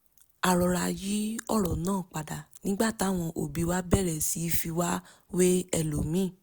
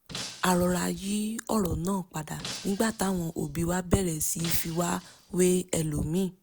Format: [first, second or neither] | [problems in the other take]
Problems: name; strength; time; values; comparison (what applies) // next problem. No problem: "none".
first | background sound (Shatter); 16 dB below the speech